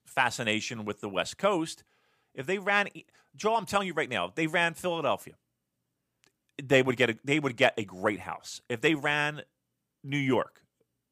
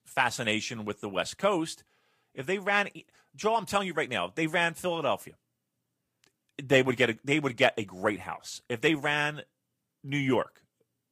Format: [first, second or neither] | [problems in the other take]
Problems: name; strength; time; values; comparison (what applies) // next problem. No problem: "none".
first | garbled, watery; slightly; nothing above 15 kHz